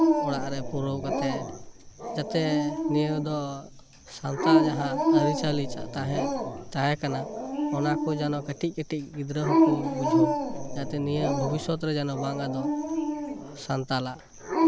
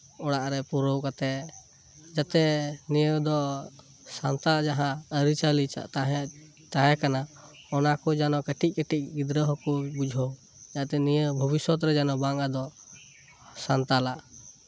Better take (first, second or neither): second